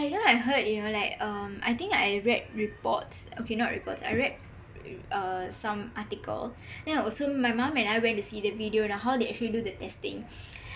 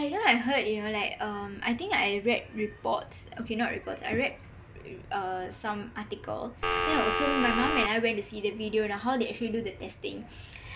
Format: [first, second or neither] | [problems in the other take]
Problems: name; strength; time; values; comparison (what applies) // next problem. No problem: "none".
first | background sound (Telephone); 3 dB above the speech